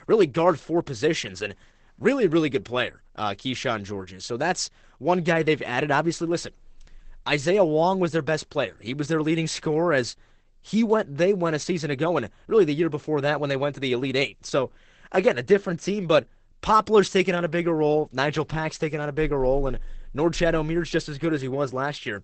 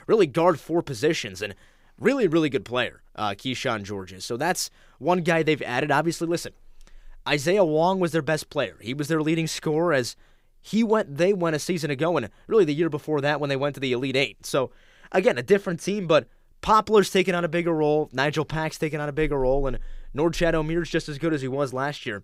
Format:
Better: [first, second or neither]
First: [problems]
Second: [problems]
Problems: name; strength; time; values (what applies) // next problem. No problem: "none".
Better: second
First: garbled, watery; badly; nothing above 8 kHz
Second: none